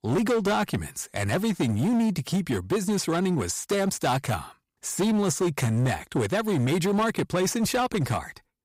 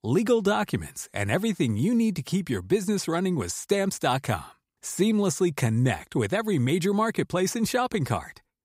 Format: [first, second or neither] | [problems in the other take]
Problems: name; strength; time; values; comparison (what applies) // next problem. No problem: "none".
second | distortion; slight; 16% of the sound clipped